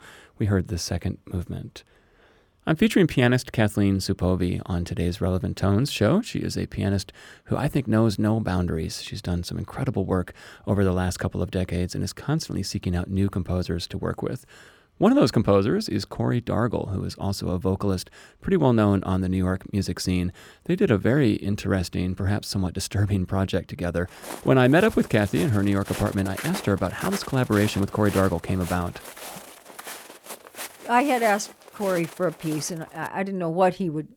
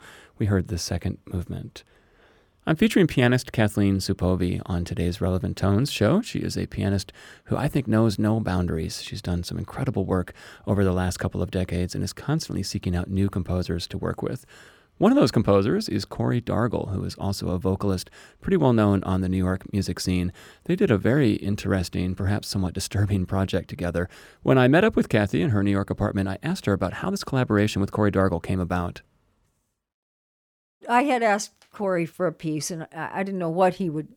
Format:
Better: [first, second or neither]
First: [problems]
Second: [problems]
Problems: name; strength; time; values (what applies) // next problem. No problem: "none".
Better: second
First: footsteps; noticeable; from 24 to 33 s; peak 8 dB below the speech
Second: none